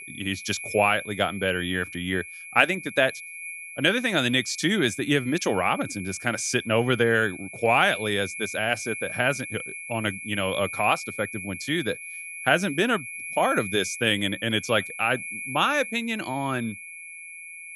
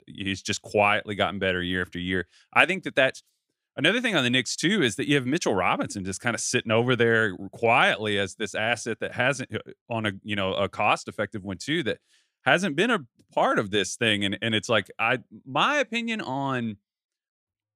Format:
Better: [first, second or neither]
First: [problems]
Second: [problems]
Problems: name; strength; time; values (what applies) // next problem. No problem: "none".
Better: second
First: high-pitched whine; noticeable; throughout; 2.5 kHz, 10 dB below the speech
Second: none